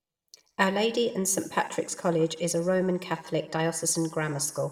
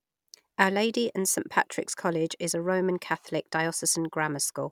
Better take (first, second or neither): second